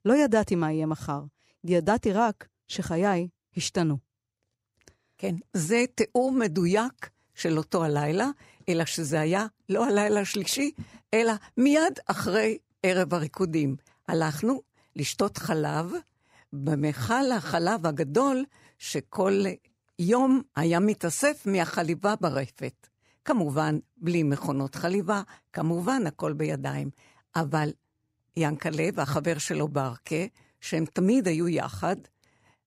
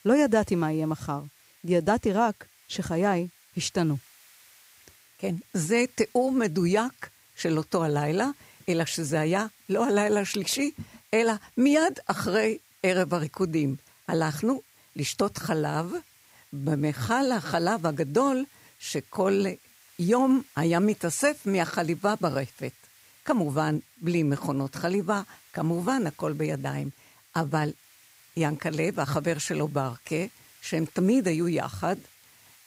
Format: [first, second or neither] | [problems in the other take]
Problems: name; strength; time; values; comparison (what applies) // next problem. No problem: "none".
first | hiss; faint; throughout; 30 dB below the speech